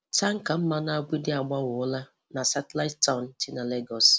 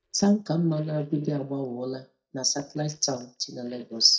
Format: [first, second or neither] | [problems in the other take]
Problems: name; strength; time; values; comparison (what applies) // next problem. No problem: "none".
first | noise reduction (neural mask model DeepFilterNet 3)